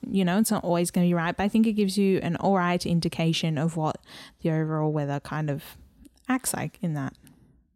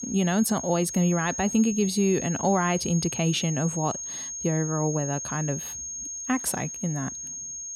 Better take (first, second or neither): first